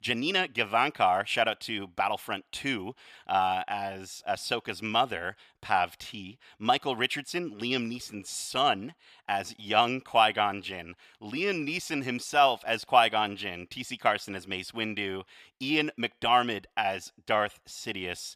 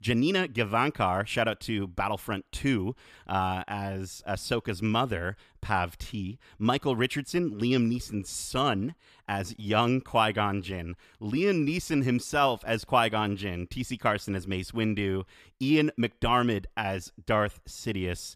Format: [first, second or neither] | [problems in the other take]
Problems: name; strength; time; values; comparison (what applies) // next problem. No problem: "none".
second | thin; somewhat; fading below 750 Hz